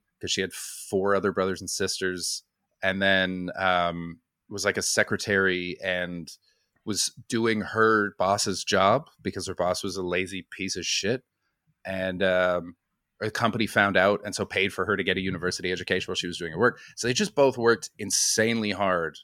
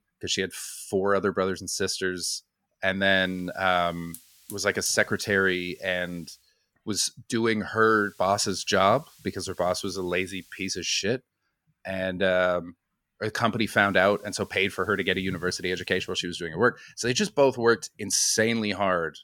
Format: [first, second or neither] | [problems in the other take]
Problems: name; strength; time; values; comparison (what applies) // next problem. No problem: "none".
first | hiss; faint; from 3 to 6.5 s, from 8 to 11 s and from 14 to 16 s; 25 dB below the speech